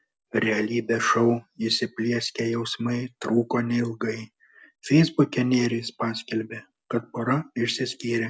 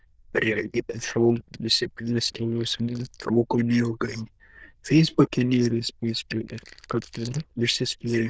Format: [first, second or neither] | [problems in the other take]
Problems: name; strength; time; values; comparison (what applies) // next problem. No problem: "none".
first | noise reduction (neural diffusion model UNIVERSE++)